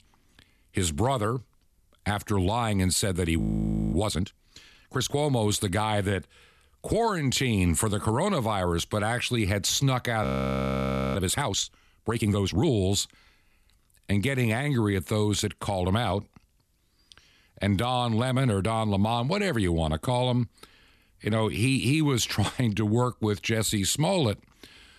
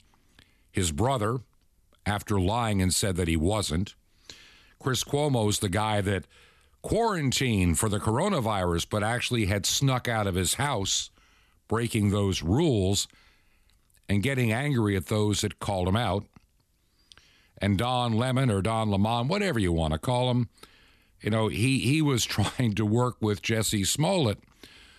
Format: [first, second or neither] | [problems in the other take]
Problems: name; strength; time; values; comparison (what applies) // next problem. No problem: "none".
second | audio freezing; at 3.5 s for 0.5 s and at 10 s for 1 s